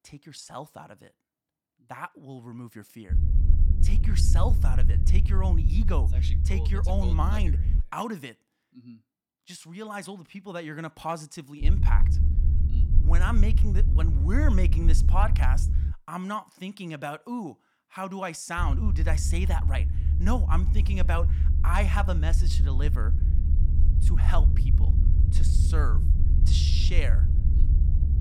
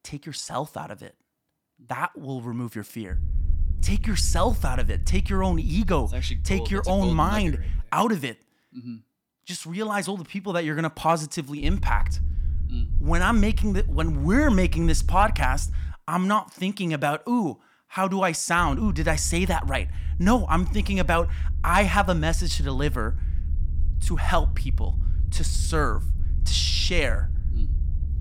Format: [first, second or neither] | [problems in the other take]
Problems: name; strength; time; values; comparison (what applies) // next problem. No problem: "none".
second | low rumble; loud; from 3 to 8 s, from 12 to 16 s and from 19 s on; 8 dB below the speech; faint in the second